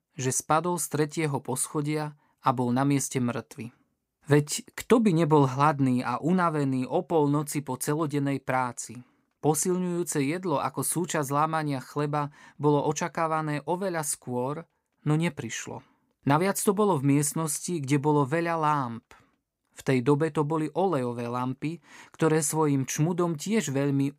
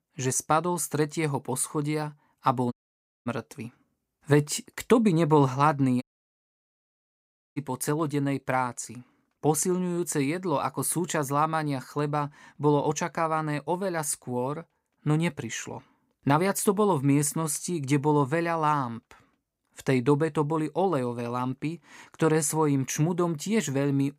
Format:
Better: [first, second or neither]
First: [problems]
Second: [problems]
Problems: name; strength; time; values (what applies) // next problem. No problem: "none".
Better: first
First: none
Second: audio cutting out; at 2.5 s for 0.5 s and at 6 s for 1.5 s